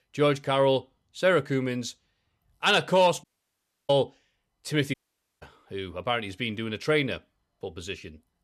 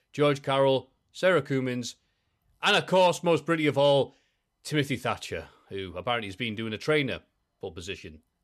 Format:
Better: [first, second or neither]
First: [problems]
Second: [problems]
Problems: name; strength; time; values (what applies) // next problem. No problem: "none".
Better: second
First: audio cutting out; at 3 s for 0.5 s and at 5 s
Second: none